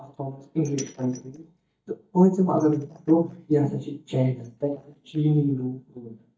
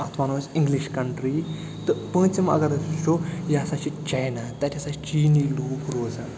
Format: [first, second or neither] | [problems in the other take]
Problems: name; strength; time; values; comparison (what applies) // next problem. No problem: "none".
second | noise reduction (neural mask model DeepFilterNet 3)